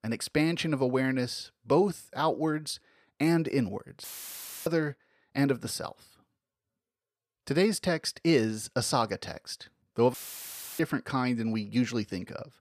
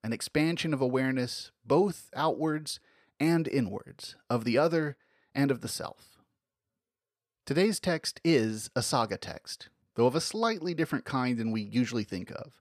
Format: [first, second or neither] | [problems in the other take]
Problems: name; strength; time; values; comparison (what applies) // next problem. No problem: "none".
second | audio cutting out; filled with static; at 4 s for 0.5 s and at 10 s for 0.5 s